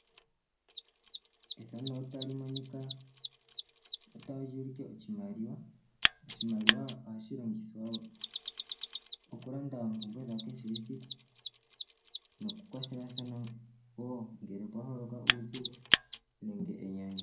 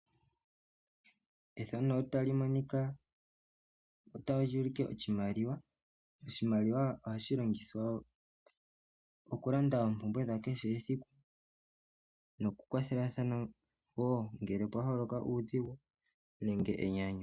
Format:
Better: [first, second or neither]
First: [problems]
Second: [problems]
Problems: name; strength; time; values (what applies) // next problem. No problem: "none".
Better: second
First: background sound (Mechanisms); 3 dB above the speech // room echo; dies away in 0.5 s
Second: none